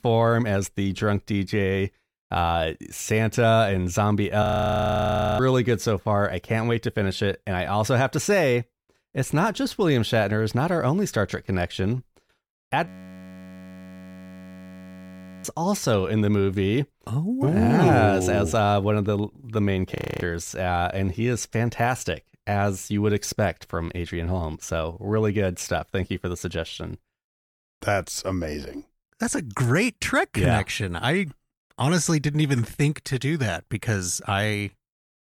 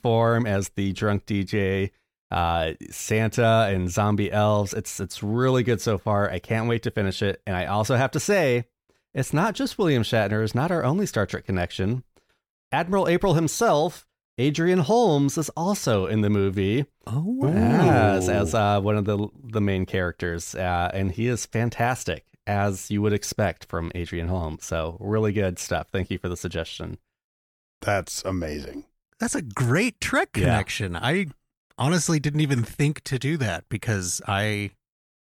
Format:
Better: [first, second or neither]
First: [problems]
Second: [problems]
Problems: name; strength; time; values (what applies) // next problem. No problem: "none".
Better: second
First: audio freezing; at 4.5 s for 1 s, at 13 s for 2.5 s and at 20 s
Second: none